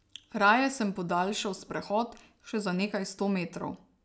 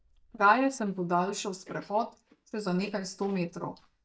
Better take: first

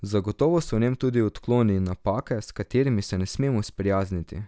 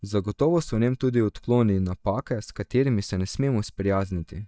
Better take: first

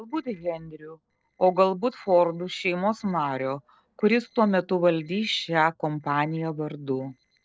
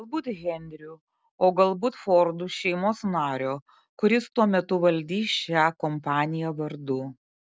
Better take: second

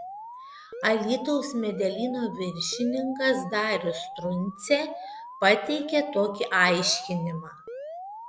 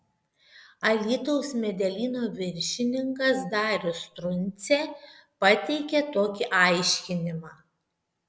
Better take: second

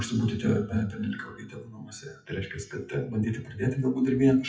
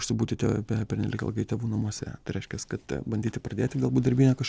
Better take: second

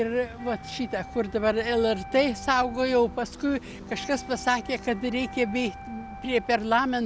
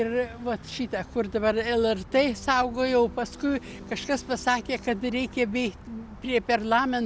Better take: second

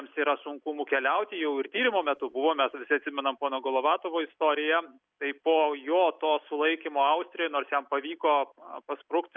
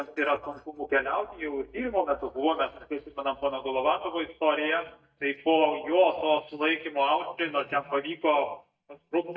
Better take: first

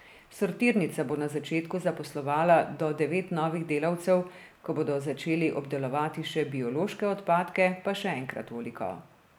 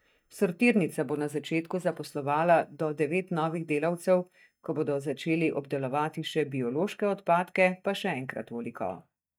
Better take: first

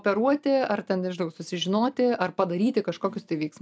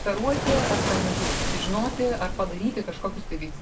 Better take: first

